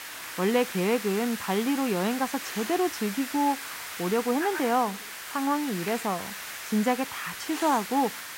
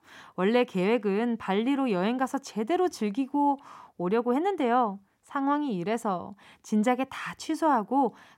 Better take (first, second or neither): second